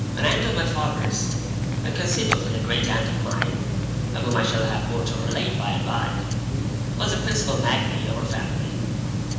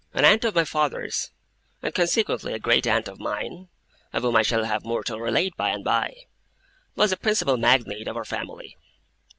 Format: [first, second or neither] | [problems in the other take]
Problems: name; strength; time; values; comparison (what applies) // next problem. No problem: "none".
second | background sound (Tick-tock); 3 dB above the speech // room echo; dies away in 1.1 s